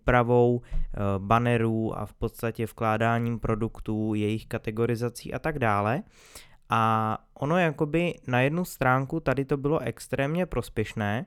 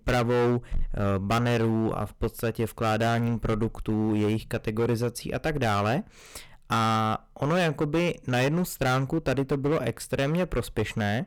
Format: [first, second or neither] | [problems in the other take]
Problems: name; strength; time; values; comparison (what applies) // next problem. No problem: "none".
first | distortion; heavy; 14% of the sound clipped